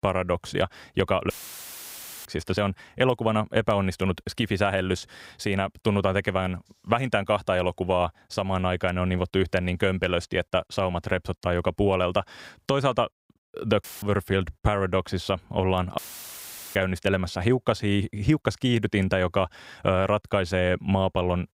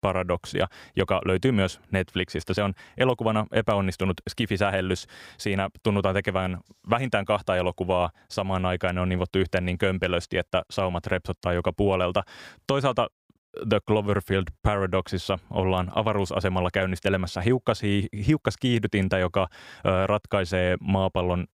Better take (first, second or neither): second